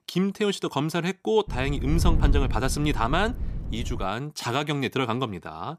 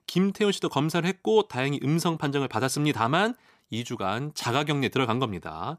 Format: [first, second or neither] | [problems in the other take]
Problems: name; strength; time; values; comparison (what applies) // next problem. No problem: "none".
second | wind noise on the microphone; occasional gusts; from 1.5 to 4 s; 15 dB below the speech